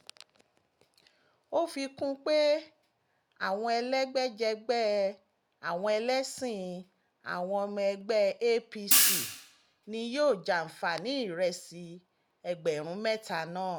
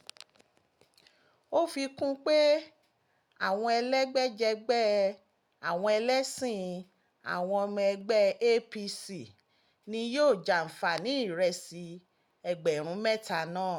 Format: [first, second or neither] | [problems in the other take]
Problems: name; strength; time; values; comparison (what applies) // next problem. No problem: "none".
second | background sound (Hi-hat); 3 dB above the speech